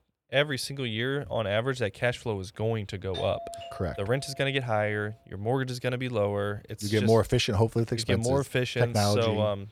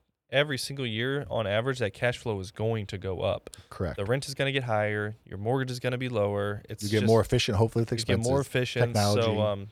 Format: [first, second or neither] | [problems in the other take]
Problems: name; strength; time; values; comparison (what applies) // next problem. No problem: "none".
second | doorbell; noticeable; from 3 to 5 s; peak 9 dB below the speech